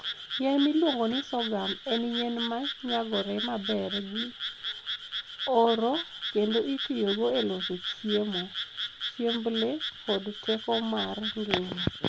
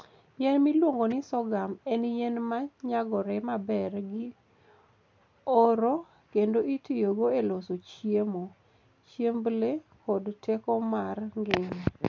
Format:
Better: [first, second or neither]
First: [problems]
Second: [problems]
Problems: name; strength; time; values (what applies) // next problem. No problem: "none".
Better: second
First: background sound (Frog); 6 dB below the speech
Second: none